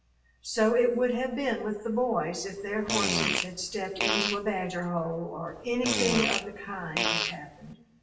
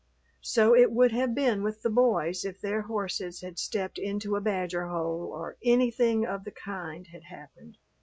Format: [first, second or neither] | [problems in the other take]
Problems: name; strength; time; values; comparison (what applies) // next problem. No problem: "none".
second | background sound (Fart); 1 dB below the speech // room echo; dies away in 0.8 s